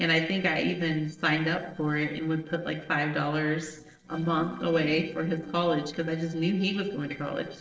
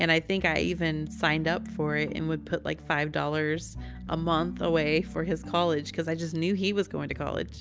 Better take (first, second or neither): second